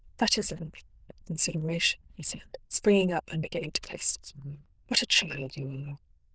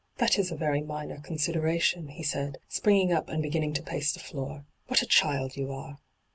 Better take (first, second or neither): second